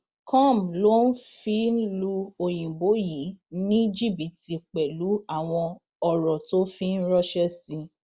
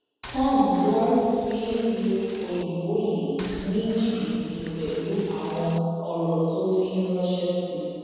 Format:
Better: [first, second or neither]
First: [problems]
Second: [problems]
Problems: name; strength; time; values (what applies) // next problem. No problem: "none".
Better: first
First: none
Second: background sound (Boat, Water vehicle); 17 dB below the speech // room echo; dies away in 2.1 s